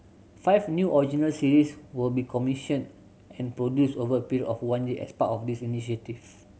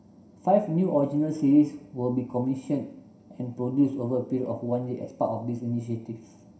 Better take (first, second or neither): first